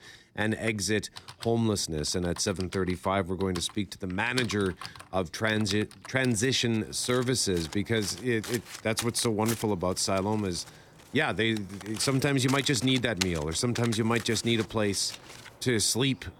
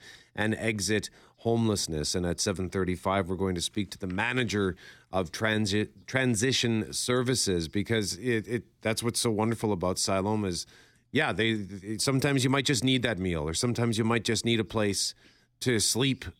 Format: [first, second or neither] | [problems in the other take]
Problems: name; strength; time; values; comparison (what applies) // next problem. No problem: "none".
second | household noises; noticeable; throughout; 15 dB below the speech